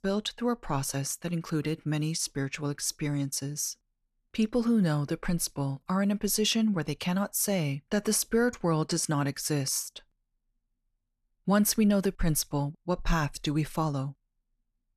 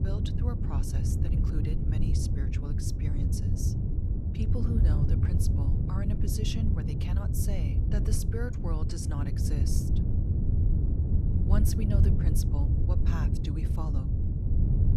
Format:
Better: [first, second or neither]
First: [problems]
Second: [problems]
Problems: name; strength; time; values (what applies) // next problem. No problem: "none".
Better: first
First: none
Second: wind noise on the microphone; heavy; 1 dB above the speech